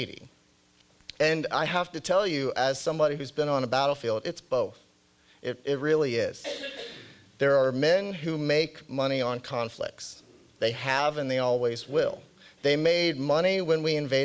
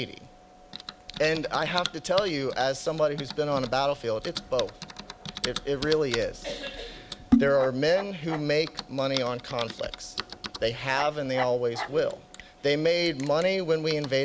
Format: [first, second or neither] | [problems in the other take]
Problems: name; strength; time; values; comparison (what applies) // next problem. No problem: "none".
first | background sound (Typing); 8 dB below the speech